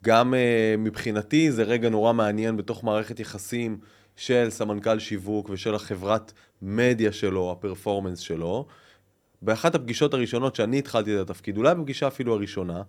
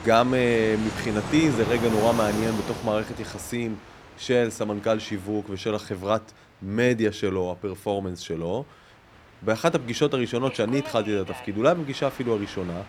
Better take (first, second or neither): first